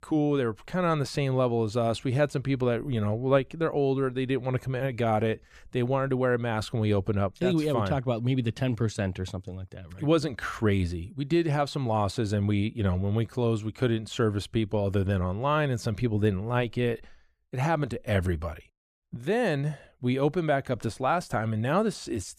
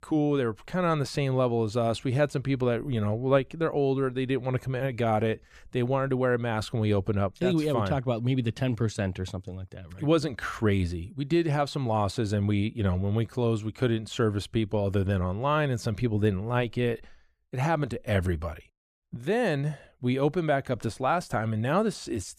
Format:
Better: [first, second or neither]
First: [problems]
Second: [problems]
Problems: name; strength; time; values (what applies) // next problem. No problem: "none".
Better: neither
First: none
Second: none